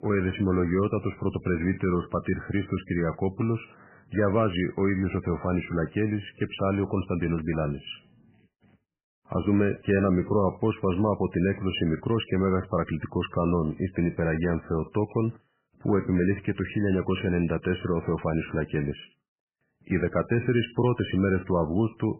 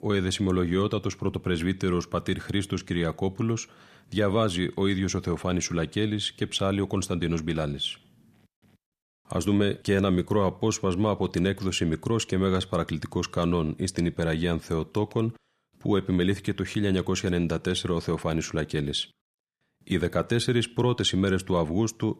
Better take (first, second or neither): second